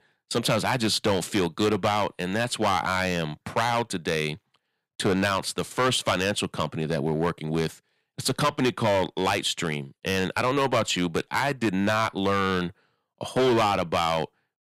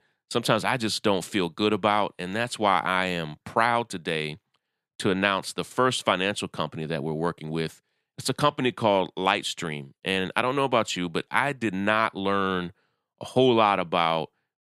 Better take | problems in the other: second | distortion; heavy; 7% of the sound clipped

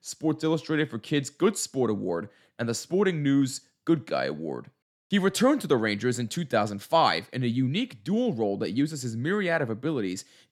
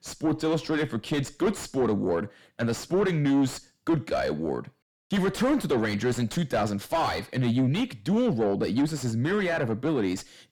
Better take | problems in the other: first | distortion; heavy; 7 dB below the speech

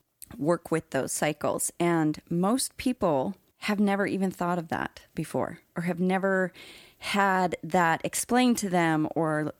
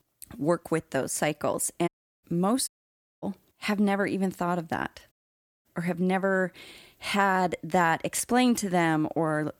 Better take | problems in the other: first | audio cutting out; at 2 s, at 2.5 s for 0.5 s and at 5 s for 0.5 s

